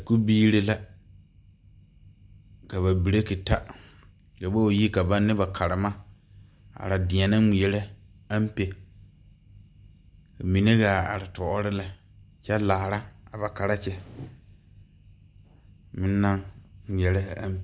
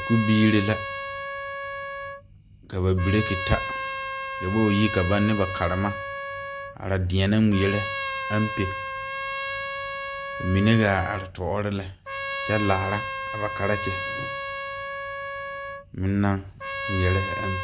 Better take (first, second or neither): first